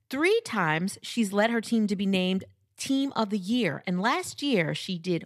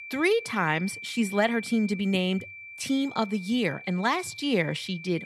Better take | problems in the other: first | high-pitched whine; noticeable; throughout; 2.5 kHz, 15 dB below the speech

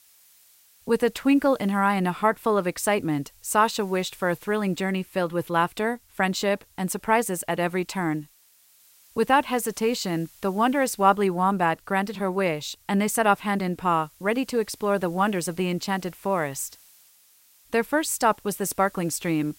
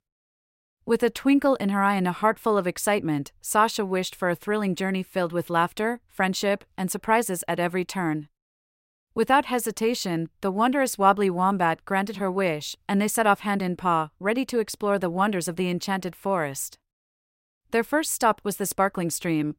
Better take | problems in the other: second | hiss; faint; throughout; 30 dB below the speech

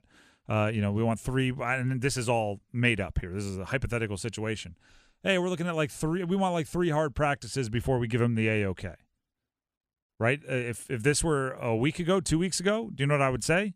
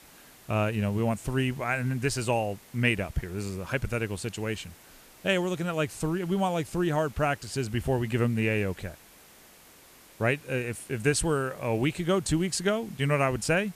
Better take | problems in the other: first | hiss; faint; throughout; 25 dB below the speech

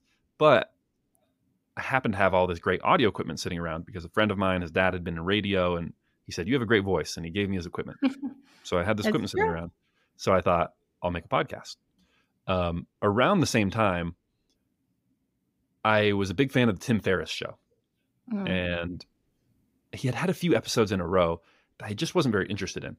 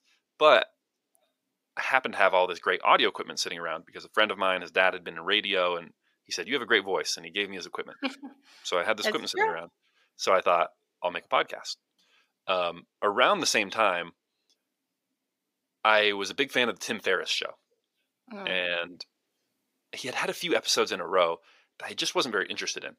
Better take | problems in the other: first | thin; somewhat; fading below 500 Hz

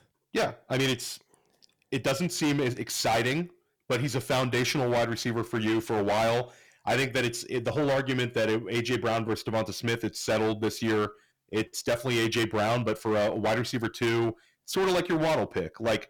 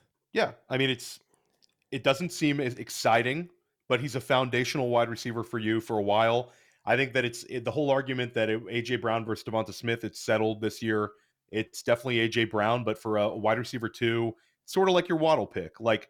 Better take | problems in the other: second | distortion; heavy; 17% of the sound clipped

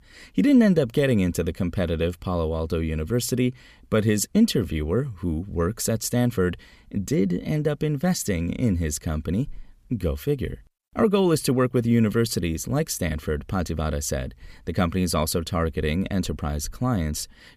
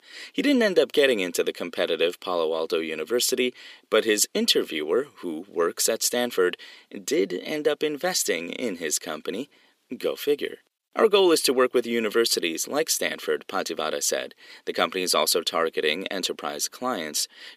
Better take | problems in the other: first | thin; somewhat; fading below 350 Hz

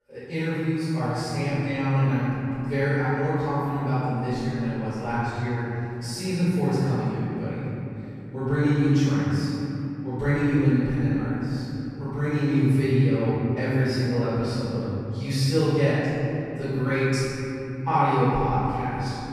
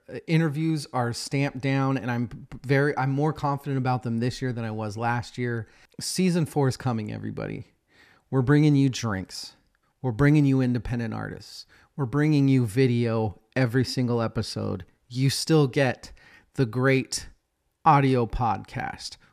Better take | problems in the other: second | off-mic speech; far // room echo; strong; dies away in 3 s

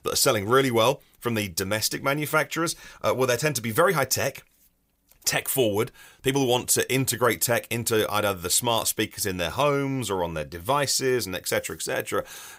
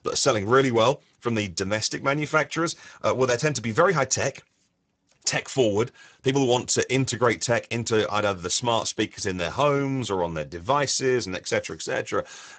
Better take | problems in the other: first | garbled, watery; badly; nothing above 8 kHz

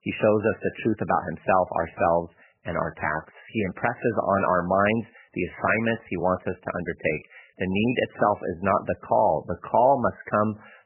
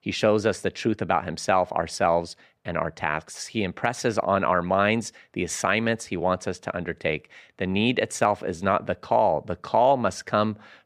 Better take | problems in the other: second | garbled, watery; badly; nothing above 3 kHz

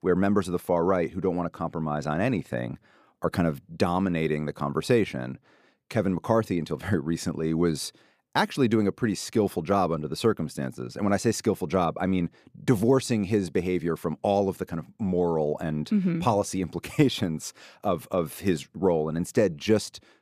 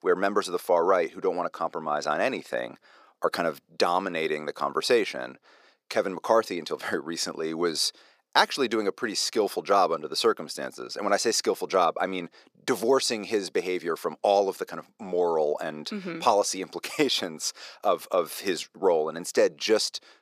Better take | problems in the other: first | thin; somewhat; fading below 500 Hz

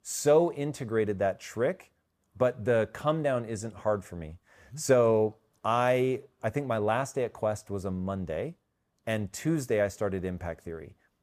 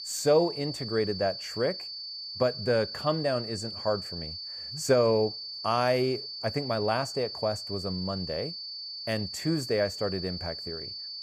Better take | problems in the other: first | high-pitched whine; loud; throughout; 4.5 kHz, 7 dB below the speech

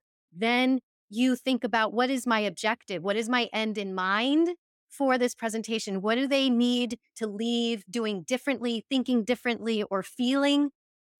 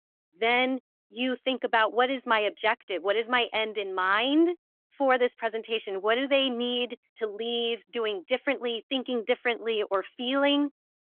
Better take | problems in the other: first | phone-call audio; nothing above 3.5 kHz

